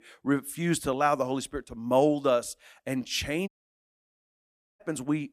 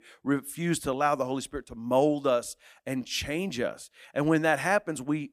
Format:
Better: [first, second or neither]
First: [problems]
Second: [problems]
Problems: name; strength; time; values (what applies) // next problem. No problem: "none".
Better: second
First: audio cutting out; at 3.5 s for 1.5 s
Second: none